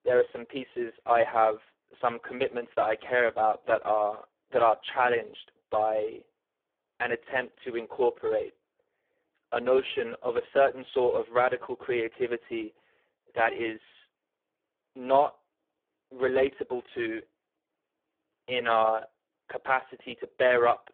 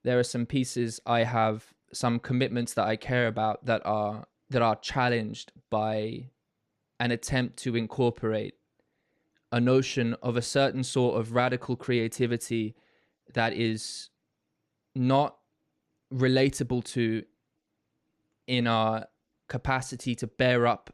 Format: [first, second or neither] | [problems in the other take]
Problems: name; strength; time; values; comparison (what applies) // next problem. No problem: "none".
second | phone-call audio; poor line